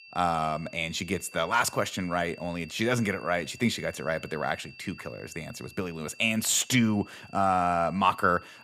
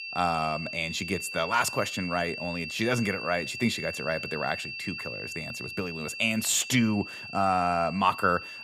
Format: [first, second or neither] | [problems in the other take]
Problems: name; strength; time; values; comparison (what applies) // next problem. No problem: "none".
first | high-pitched whine; loud; throughout; 2.5 kHz, 8 dB below the speech; faint in the first